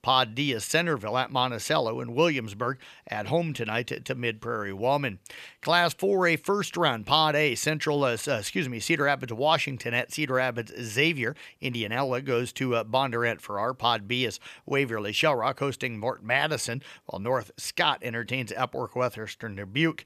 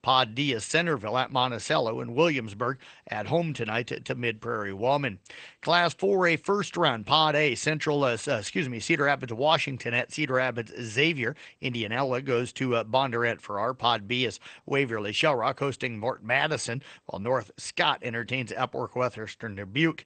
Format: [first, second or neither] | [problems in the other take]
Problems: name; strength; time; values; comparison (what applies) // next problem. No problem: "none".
first | garbled, watery; slightly; nothing above 8.5 kHz